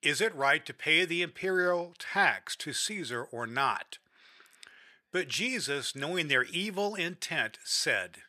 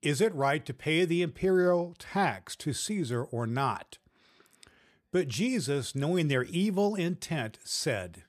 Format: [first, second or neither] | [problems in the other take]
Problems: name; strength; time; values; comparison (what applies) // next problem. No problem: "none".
second | thin; somewhat; fading below 600 Hz